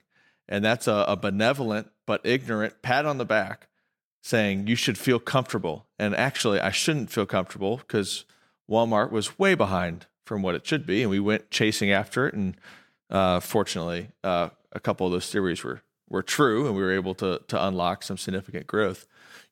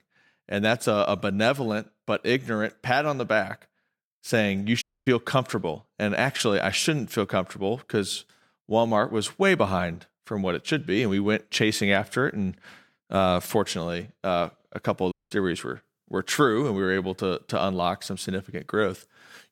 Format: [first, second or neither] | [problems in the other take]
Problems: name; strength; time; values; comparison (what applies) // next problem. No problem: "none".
first | audio cutting out; at 5 s and at 15 s